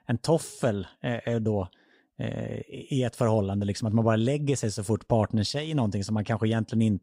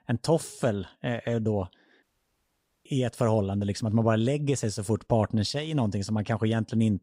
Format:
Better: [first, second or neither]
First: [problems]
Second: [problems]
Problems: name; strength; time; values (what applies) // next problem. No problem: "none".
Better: first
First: none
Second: audio cutting out; at 2 s for 1 s